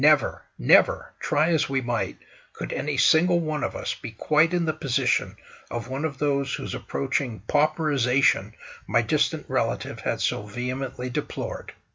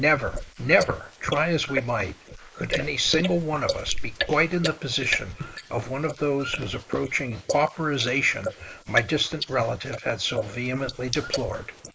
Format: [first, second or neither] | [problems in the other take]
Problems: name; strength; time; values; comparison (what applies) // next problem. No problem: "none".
first | noise reduction (neural mask model Resemble Enhance denoiser)